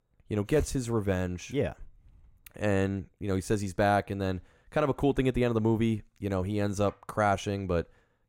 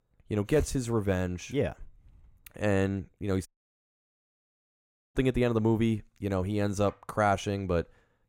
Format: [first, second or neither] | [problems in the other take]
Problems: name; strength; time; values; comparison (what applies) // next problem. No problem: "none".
first | audio cutting out; at 3.5 s for 1.5 s